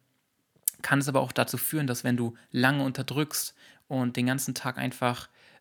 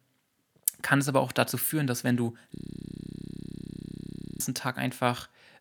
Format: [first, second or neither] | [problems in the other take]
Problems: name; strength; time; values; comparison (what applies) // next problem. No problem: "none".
first | audio freezing; at 2.5 s for 2 s